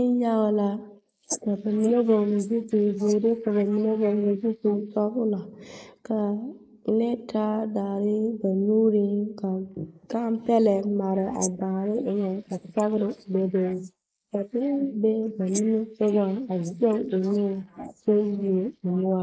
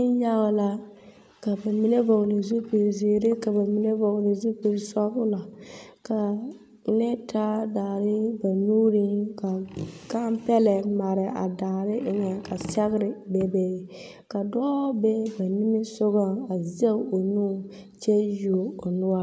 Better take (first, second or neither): second